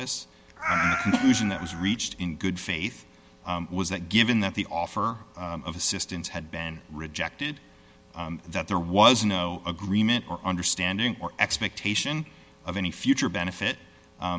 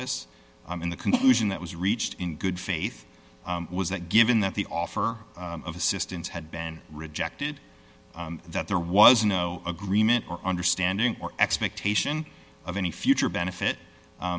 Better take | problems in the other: second | background sound (Meow); 3 dB below the speech

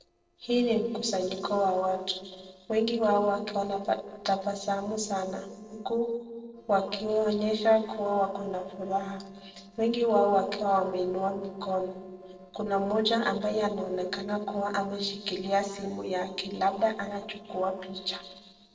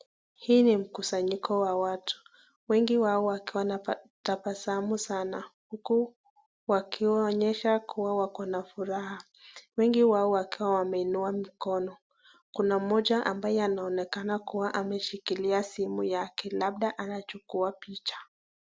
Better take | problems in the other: second | noise reduction (neural separator model SepFormer DNS4)

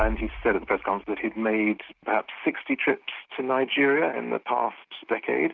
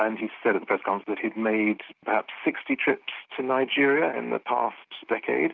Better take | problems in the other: second | background sound (Bass drum); 14 dB below the speech

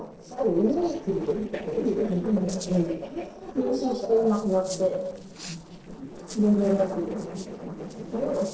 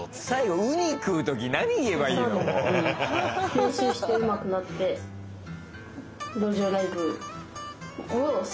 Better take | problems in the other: second | noise reduction (neural separator model SepFormer DNS4)

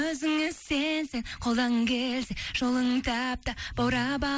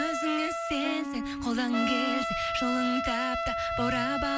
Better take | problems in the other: first | background sound (Wind instrument, woodwind instrument + Trumpet); as loud as the speech

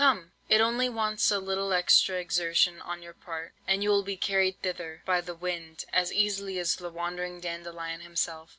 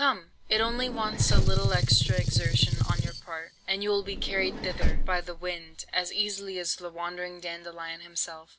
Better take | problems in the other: first | background sound (Vehicle + Gunshot, gunfire); 4 dB above the speech

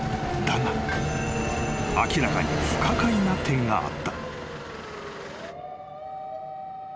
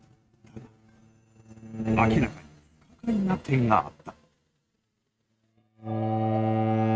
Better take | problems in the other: first | noise reduction (neural mask model RNNoise)

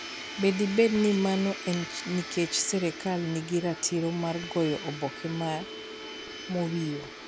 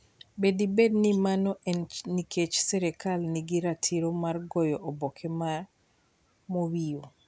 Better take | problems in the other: second | background sound (Domestic sounds, home sounds); 11 dB below the speech

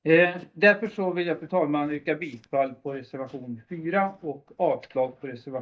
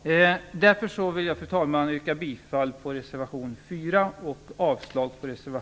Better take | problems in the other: second | noise reduction (neural mask model DeepFilterNet 3)

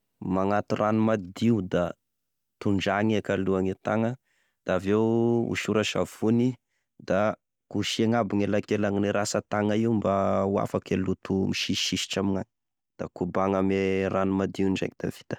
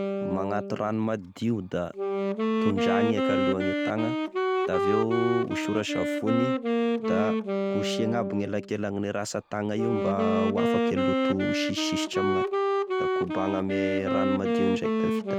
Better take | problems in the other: first | background sound (Wind instrument, woodwind instrument); 3 dB above the speech

